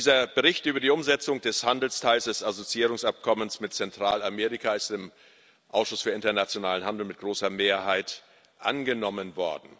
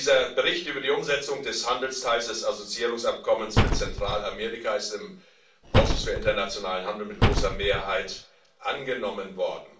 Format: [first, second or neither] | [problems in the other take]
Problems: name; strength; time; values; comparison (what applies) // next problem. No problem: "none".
first | background sound (Slam); 2 dB above the speech // room echo; dies away in 0.3 s